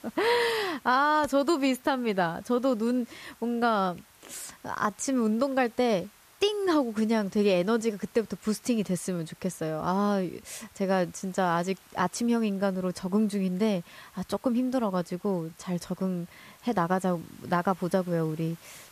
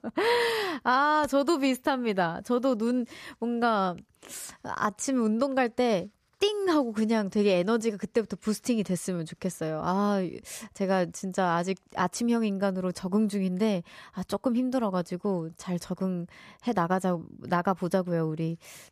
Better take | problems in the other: second | hiss; faint; throughout; 25 dB below the speech

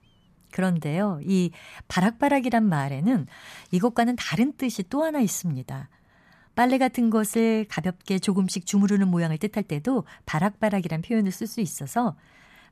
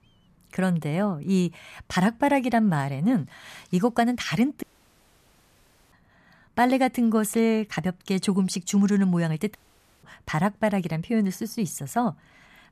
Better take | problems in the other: first | audio cutting out; at 4.5 s for 1.5 s and at 9.5 s

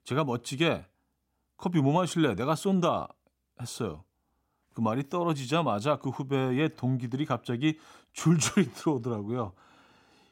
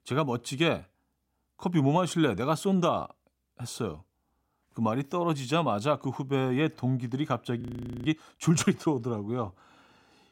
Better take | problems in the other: first | audio freezing; at 7.5 s

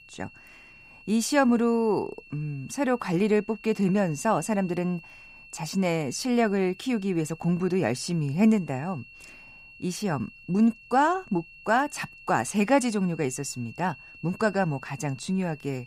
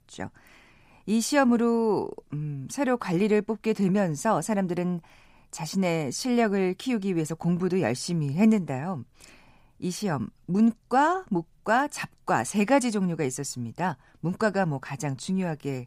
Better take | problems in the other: second | high-pitched whine; faint; throughout; 2.5 kHz, 20 dB below the speech

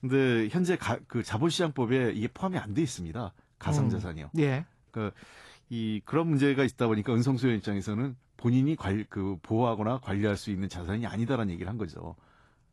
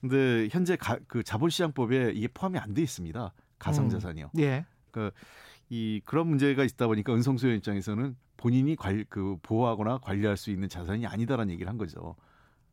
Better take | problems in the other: second | garbled, watery; slightly; nothing above 11.5 kHz

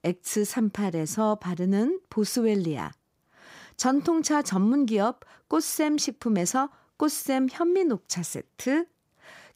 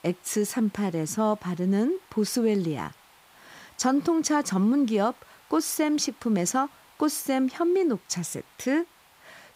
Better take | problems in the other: first | hiss; faint; throughout; 30 dB below the speech

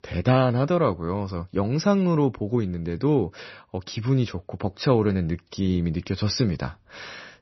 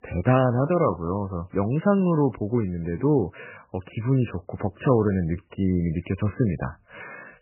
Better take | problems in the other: first | garbled, watery; badly; nothing above 3 kHz; slightly in the first

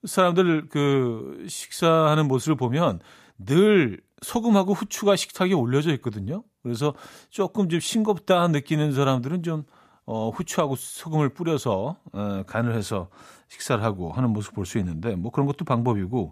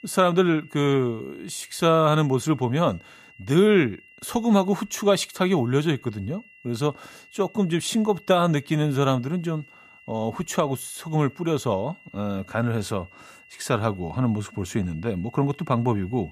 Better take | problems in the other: first | high-pitched whine; faint; throughout; 3 kHz, 25 dB below the speech

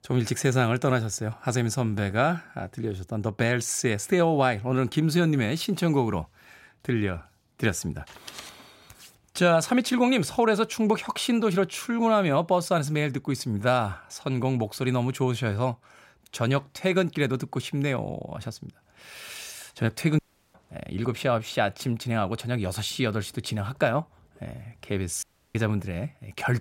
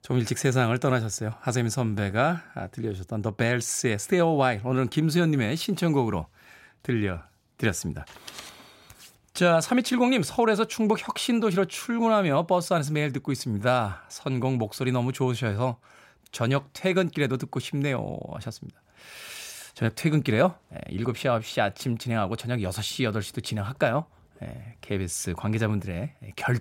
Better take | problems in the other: second | audio cutting out; at 20 s and at 25 s

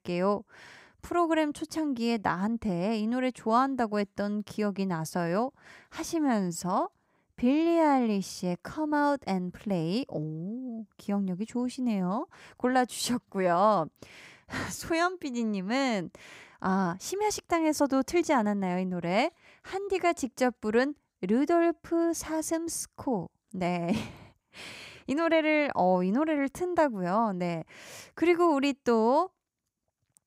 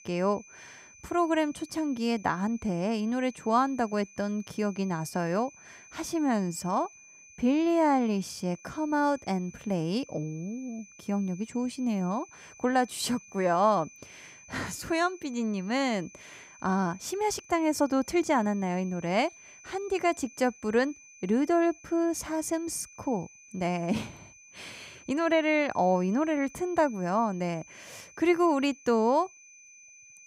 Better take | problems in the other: first | high-pitched whine; faint; throughout; 2.5 kHz, 20 dB below the speech

